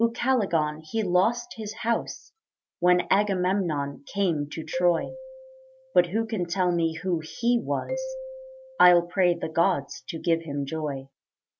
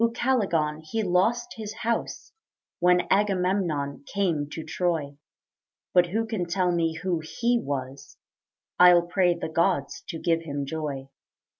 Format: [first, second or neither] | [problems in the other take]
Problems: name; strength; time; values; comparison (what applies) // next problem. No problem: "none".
second | noise reduction (neural mask model RNNoise)